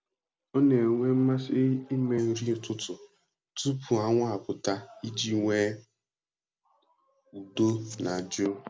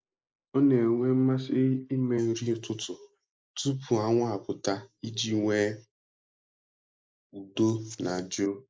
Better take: first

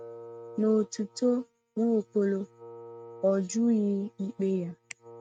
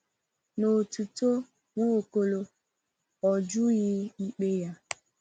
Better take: second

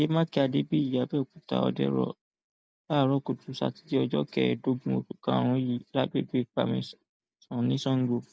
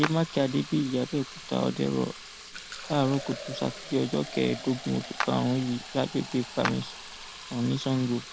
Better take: first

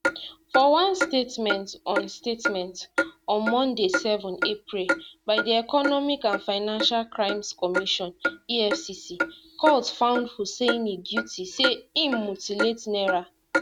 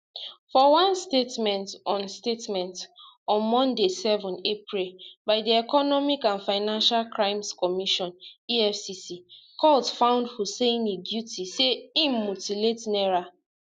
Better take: second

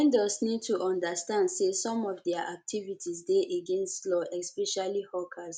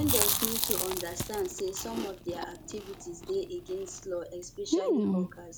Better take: first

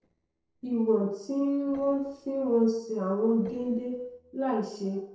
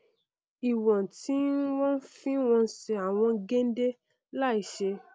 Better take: second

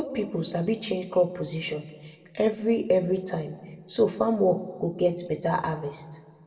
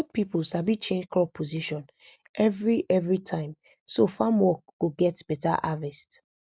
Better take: second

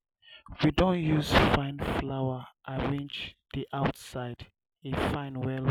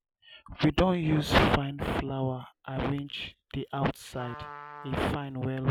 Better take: first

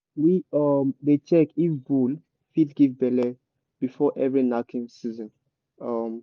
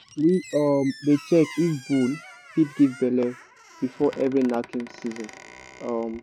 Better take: first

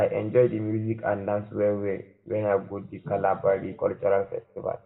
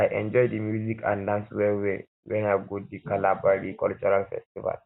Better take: second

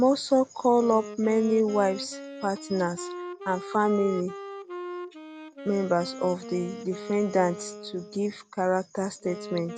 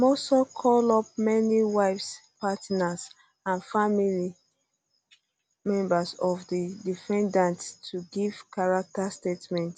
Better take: second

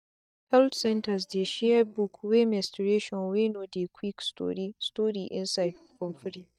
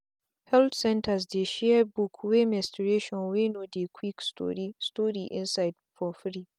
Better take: second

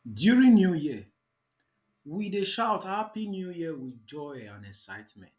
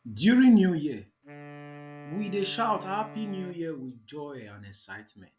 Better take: first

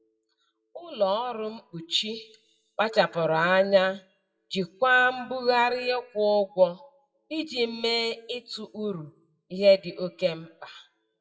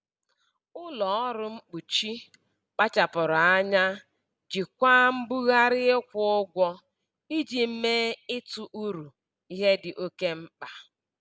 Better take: second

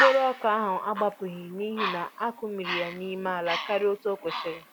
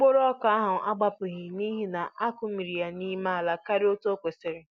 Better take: second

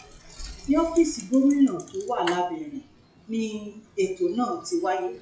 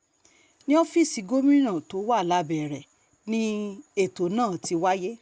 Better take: second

